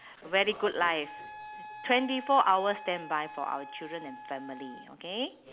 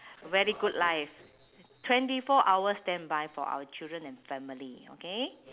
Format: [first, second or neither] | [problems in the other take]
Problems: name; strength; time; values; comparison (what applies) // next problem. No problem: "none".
second | background sound (Wind instrument, woodwind instrument); 16 dB below the speech